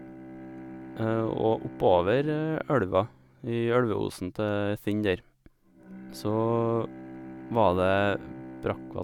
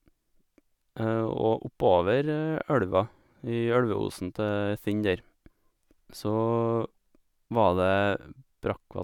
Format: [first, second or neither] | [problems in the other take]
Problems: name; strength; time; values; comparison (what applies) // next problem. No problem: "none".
second | background sound (Bowed string instrument); 16 dB below the speech